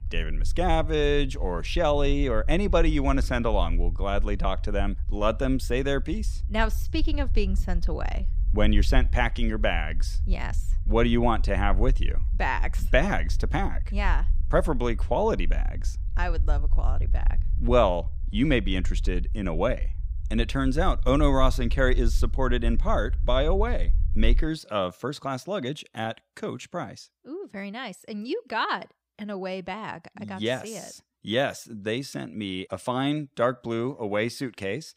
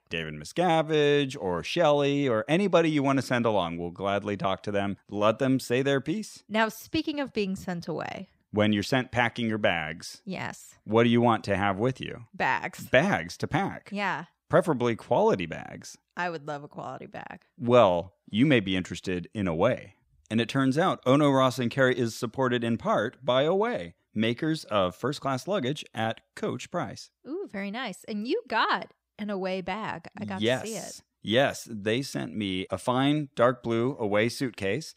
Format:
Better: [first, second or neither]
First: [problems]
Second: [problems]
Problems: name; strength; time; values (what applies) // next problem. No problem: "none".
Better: second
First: low rumble; faint; until 24 s; 25 dB below the speech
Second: none